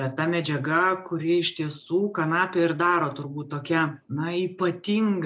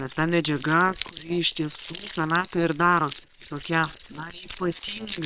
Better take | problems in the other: first | noise reduction (neural separator model SepFormer WHAM!)

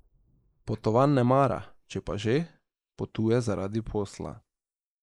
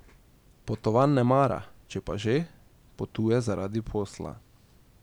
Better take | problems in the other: second | noise reduction (neural mask model Resemble Enhance denoiser)

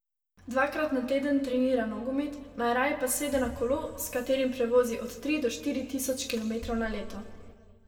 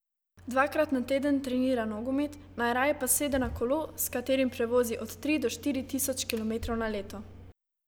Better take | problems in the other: second | room echo; dies away in 1.6 s

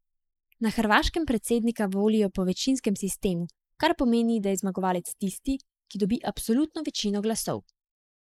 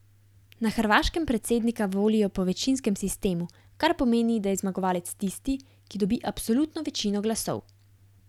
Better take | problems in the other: second | noise reduction (neural mask model Resemble Enhance denoiser)

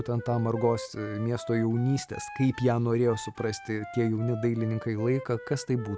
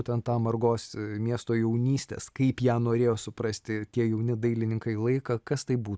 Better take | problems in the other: second | background sound (Wind instrument, woodwind instrument); 15 dB below the speech

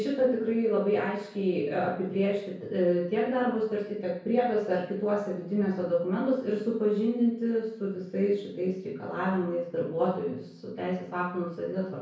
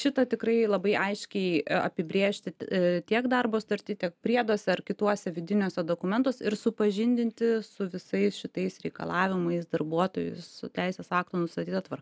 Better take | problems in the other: second | room echo; dies away in 0.6 s

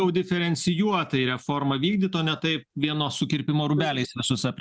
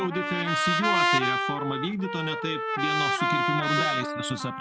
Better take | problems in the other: first | background sound (Trumpet); 4 dB above the speech

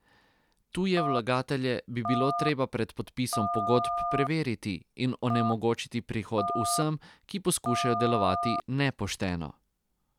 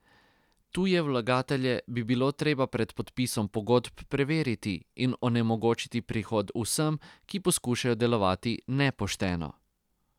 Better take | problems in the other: second | background sound (Telephone); 3 dB below the speech

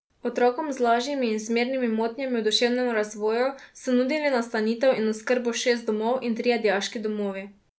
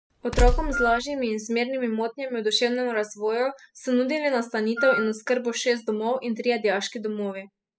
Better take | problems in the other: first | noise reduction (classical method spectral subtraction)

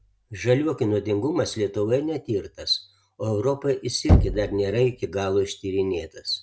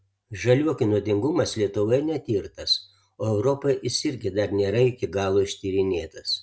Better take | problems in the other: second | background sound (Knock); 4 dB below the speech

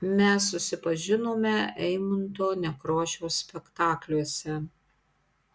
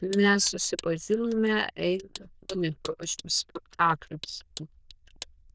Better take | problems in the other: first | noise reduction (neural diffusion model UNIVERSE++)

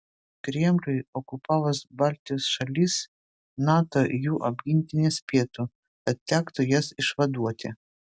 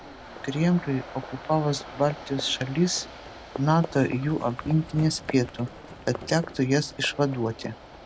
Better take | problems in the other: first | background sound (Livestock, farm animals, working animals + Waves, surf); 14 dB below the speech

